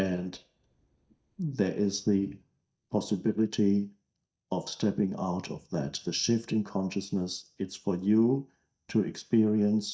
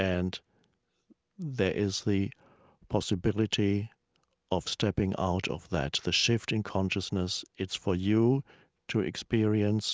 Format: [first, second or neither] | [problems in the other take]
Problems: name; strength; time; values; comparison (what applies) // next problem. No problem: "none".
second | noise reduction (neural mask model DeepFilterNet 3)